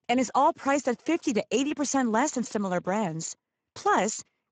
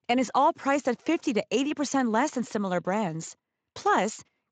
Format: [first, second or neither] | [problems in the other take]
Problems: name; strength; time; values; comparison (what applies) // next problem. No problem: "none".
second | garbled, watery; badly; nothing above 7.5 kHz; slightly in the second